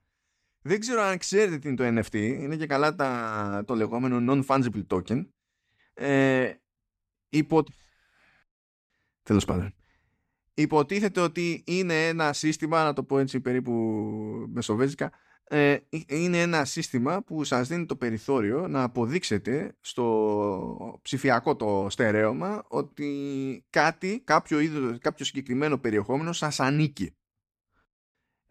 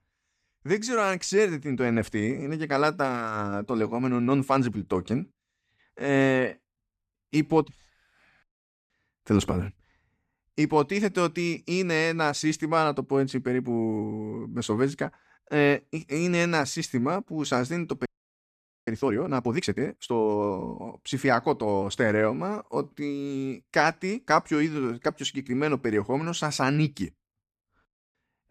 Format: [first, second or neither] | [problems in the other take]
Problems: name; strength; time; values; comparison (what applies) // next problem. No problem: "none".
first | audio freezing; at 18 s for 1 s